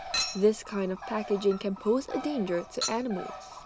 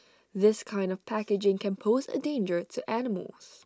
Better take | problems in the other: second | background sound (Chink, clink + Bird); 8 dB below the speech

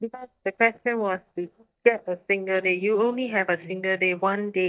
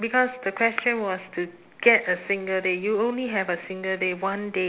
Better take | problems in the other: second | noise reduction (neural mask model DeepFilterNet 3)

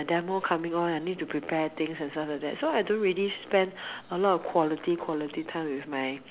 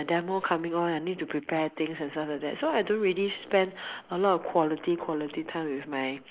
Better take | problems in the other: first | noise reduction (neural mask model Resemble Enhance denoiser)

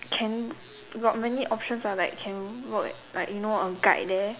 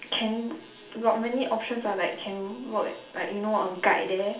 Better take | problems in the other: first | room echo; dies away in 0.4 s

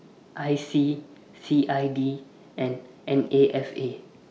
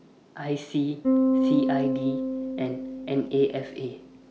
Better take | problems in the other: first | background sound (Bass guitar); 2 dB above the speech

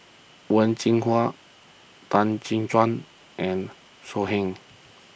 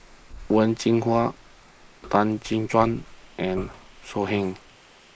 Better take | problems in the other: first | noise reduction (neural mask model Resemble Enhance denoiser)

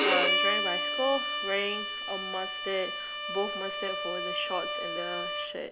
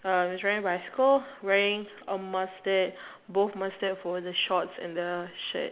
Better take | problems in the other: second | background sound (Bowed string instrument); 3 dB above the speech

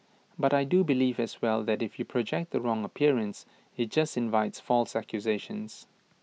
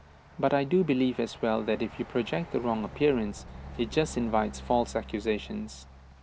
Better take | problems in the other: first | background sound (Truck); 16 dB below the speech

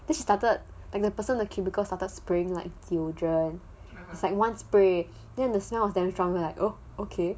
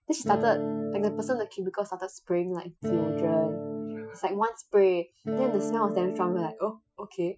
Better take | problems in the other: first | noise reduction (classical method Wiener filter)

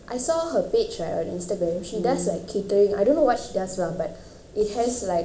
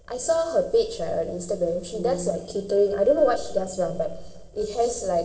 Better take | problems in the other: first | noise reduction (neural separator model SepFormer DNS4)

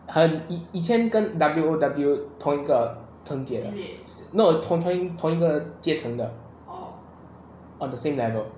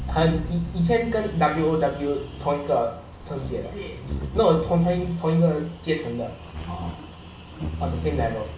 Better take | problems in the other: first | background sound (Bird vocalization, bird call, bird song); 10 dB below the speech // room echo; dies away in 0.2 s

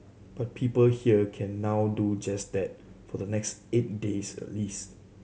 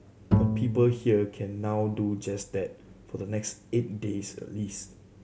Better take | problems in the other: first | background sound (Bowed string instrument); 1 dB above the speech

